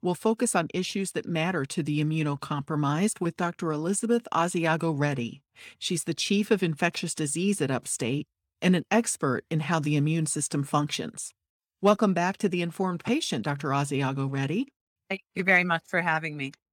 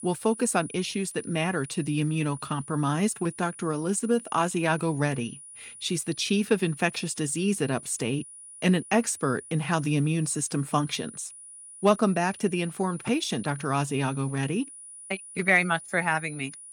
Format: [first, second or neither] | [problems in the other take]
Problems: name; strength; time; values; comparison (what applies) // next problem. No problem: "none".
first | high-pitched whine; noticeable; throughout; 9.5 kHz, 15 dB below the speech